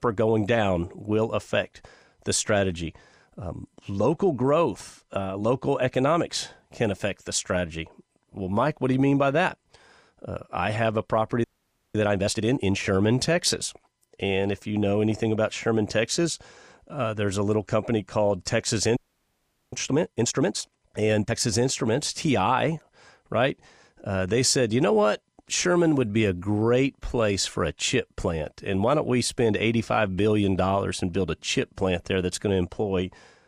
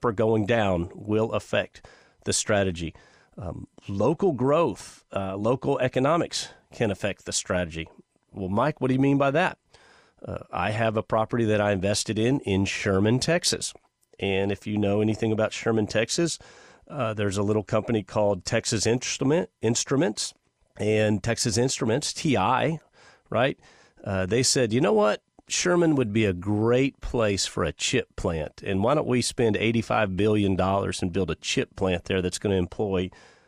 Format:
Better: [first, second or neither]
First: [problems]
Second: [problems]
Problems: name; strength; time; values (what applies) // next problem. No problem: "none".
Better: second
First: audio freezing; at 11 s for 0.5 s and at 19 s for 1 s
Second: none